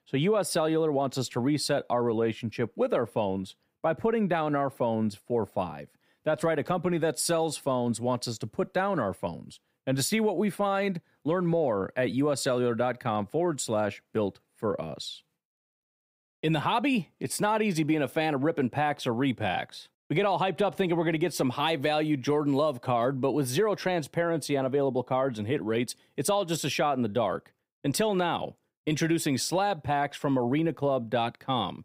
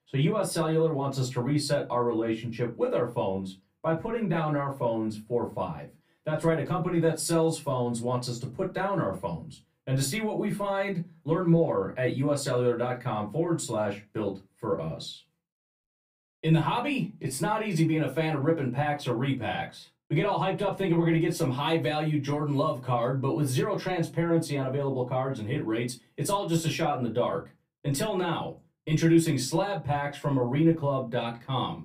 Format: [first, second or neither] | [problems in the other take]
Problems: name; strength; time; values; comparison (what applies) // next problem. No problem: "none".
first | off-mic speech; far // room echo; very slight; dies away in 0.2 s